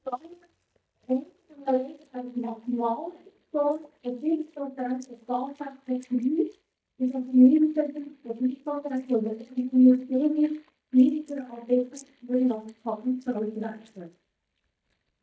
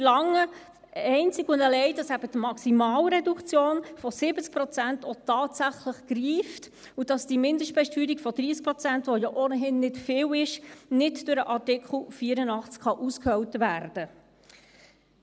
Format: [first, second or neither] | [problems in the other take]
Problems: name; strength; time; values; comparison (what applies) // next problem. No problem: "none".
second | noise reduction (neural mask model DeepFilterNet 3)